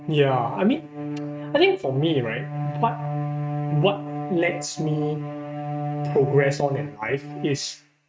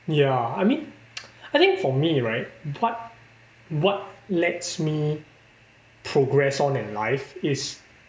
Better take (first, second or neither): second